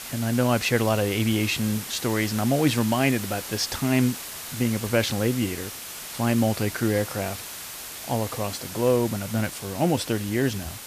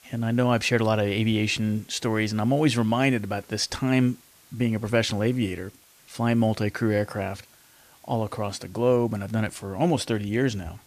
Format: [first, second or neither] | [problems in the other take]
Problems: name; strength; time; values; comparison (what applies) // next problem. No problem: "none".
second | hiss; loud; throughout; 9 dB below the speech; faint in the second